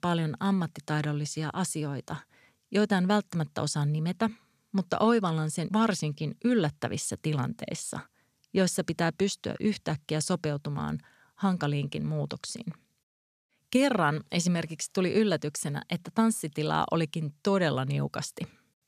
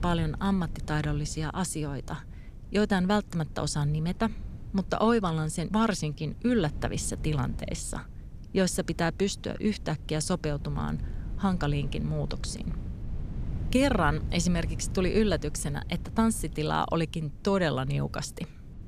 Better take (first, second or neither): first